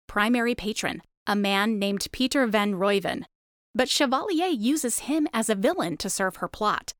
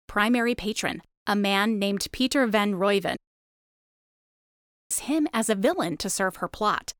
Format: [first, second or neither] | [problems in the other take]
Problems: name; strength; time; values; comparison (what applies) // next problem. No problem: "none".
first | audio cutting out; at 3 s for 1.5 s